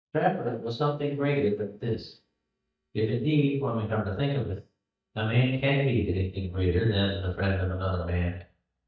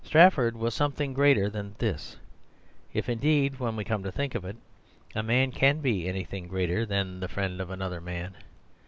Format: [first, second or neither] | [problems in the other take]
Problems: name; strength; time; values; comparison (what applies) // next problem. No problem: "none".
second | noise reduction (neural mask model DeepFilterNet 3)